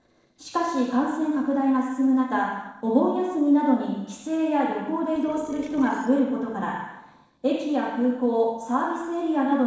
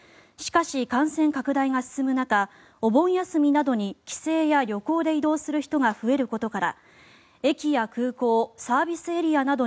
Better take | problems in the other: second | noise reduction (neural separator model SepFormer DNS4)

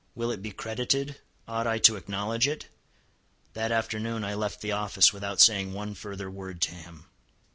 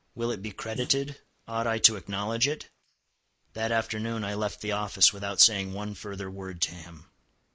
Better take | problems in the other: first | noise reduction (neural mask model Resemble Enhance denoiser)

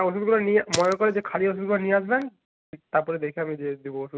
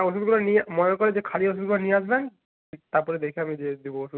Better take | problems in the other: second | background sound (Fire); 13 dB below the speech

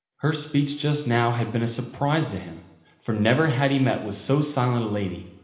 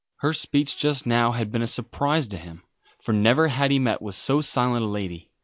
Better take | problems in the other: second | room echo; dies away in 1 s

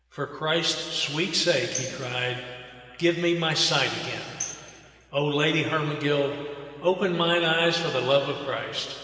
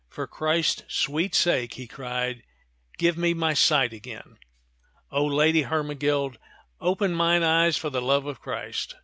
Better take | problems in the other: second | background sound (Tambourine); 14 dB below the speech // room echo; dies away in 2.7 s

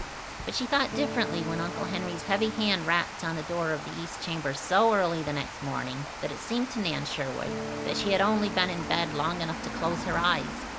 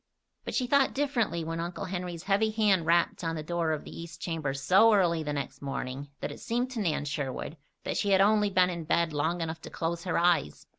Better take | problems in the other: second | background sound (Electric guitar / Strum + Water); 7 dB below the speech

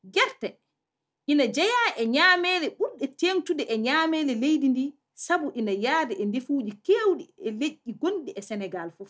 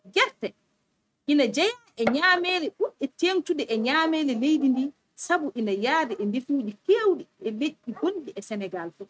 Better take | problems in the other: first | noise reduction (neural mask model RNNoise)

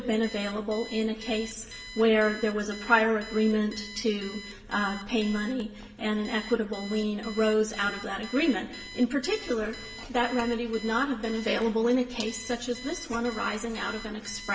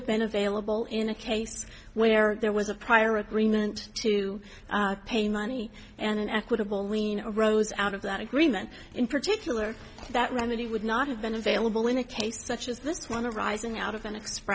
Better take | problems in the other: second | background sound (Alarm); 17 dB below the speech // room echo; dies away in 0.9 s

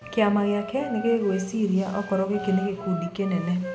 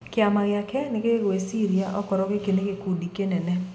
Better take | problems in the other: second | background sound (Wind instrument, woodwind instrument); 14 dB below the speech

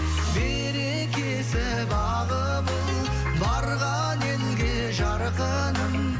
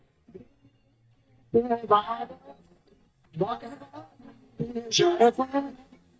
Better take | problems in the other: first | noise reduction (neural mask model DeepFilterNet 3)

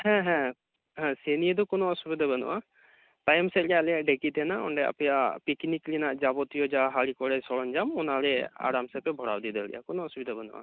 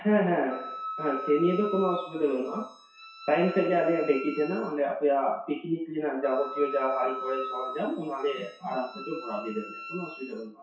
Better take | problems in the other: first | noise reduction (classical method WPE with log-MMSE)

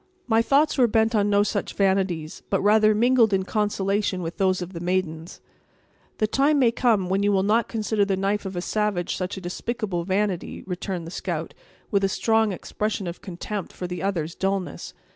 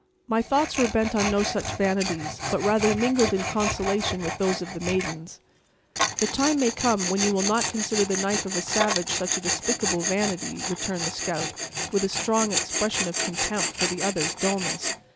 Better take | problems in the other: first | background sound (Tools); 3 dB below the speech

